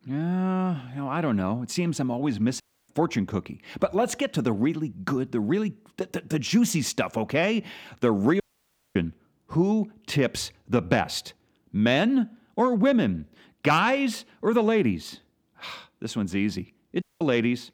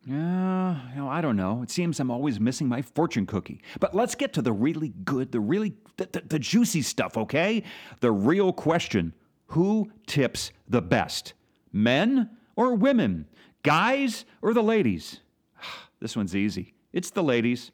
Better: second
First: audio cutting out; at 2.5 s, at 8.5 s for 0.5 s and at 17 s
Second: none

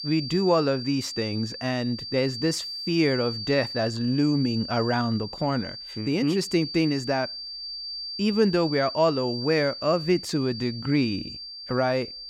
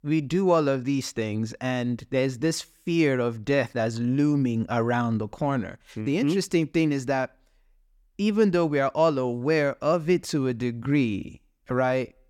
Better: second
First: high-pitched whine; loud; throughout; 4.5 kHz, 8 dB below the speech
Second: none

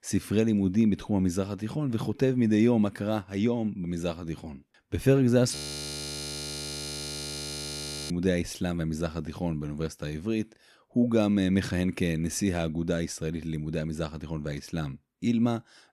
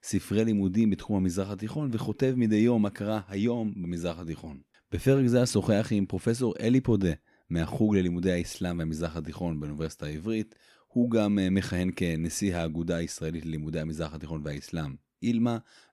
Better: second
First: audio freezing; at 5.5 s for 2.5 s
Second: none

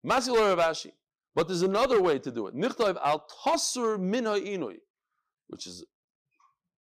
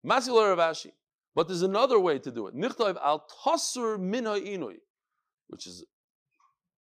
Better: second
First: distortion; slight; 4% of the sound clipped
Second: none

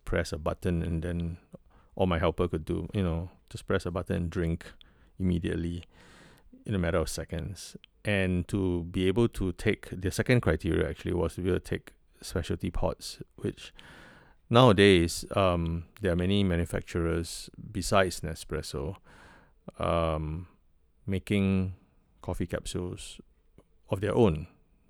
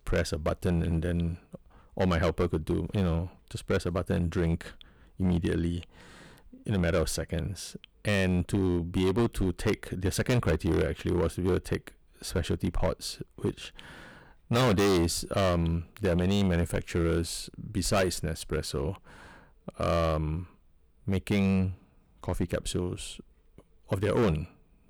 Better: first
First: none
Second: distortion; heavy; 7% of the sound clipped

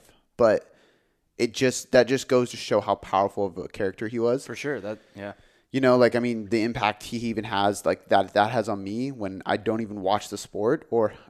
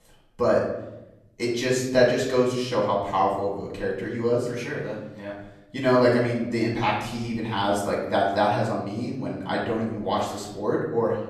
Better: first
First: none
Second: room echo; noticeable; dies away in 0.9 s // off-mic speech; far

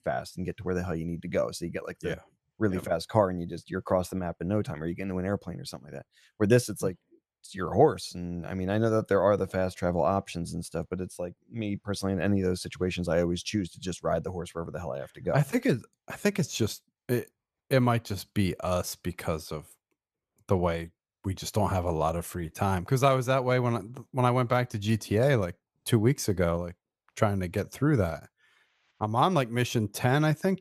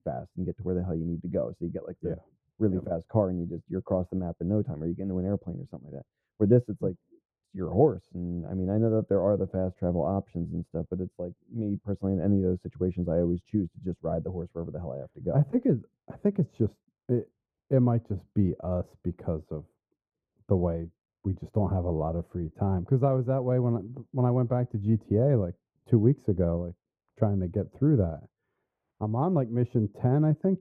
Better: first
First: none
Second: muffled; very; fading above 1.5 kHz

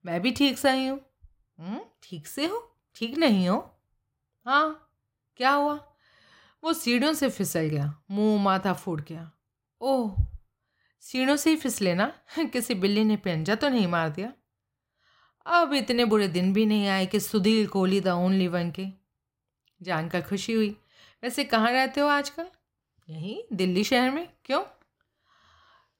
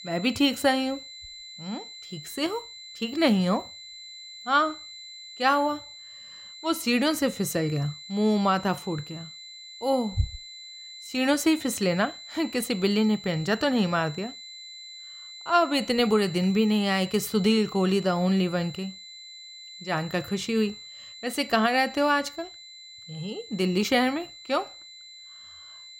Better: first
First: none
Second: high-pitched whine; noticeable; throughout; 4 kHz, 15 dB below the speech

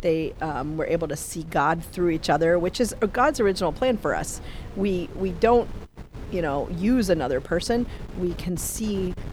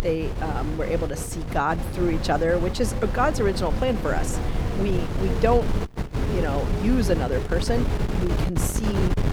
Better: first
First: wind noise on the microphone; occasional gusts; 20 dB below the speech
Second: wind noise on the microphone; heavy; 7 dB below the speech

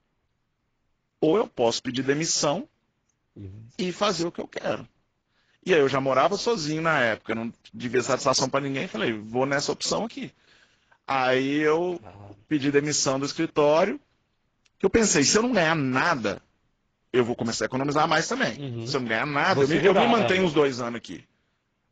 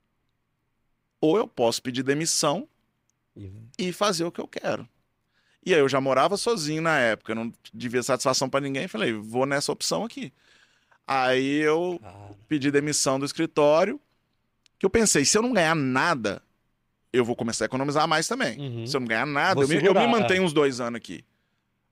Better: second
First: garbled, watery; badly; nothing above 7.5 kHz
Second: none

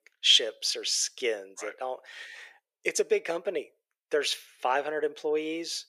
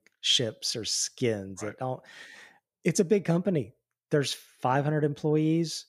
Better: second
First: thin; very; fading below 400 Hz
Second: none

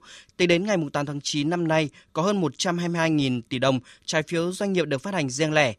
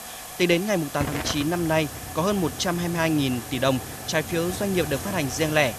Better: first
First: none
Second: hiss; loud; throughout; 9 dB below the speech

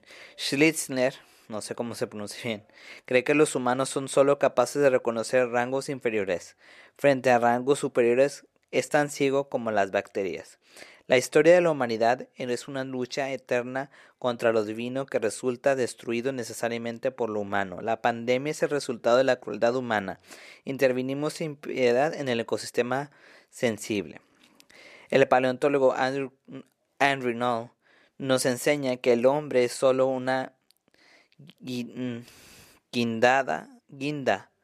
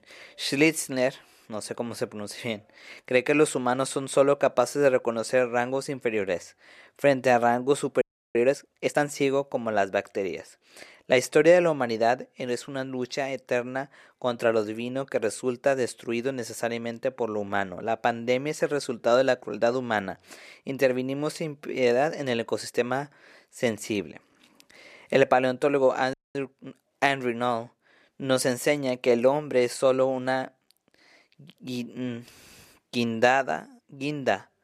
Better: first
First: none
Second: audio freezing; at 8 s and at 26 s

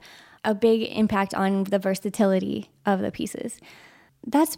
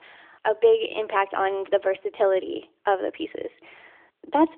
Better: first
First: none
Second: phone-call audio

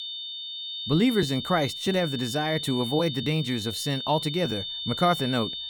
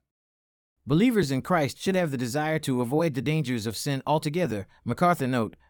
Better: second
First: high-pitched whine; loud; throughout; 3.5 kHz, 6 dB below the speech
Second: none

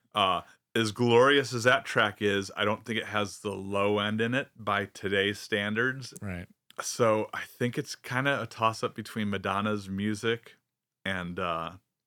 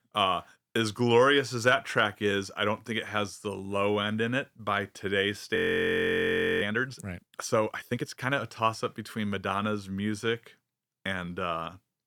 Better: first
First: none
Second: audio freezing; at 5.5 s for 1 s

